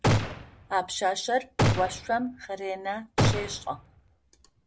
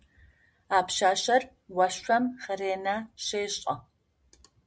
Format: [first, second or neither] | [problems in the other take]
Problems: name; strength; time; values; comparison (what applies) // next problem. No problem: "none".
second | background sound (Gunshot, gunfire); 2 dB above the speech